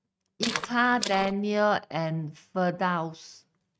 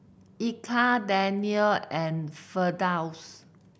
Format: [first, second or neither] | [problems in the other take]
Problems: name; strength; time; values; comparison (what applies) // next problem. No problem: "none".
second | noise reduction (neural mask model RNNoise)